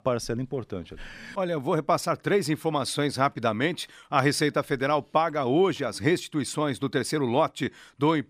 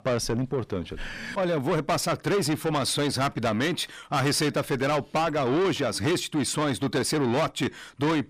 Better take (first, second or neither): first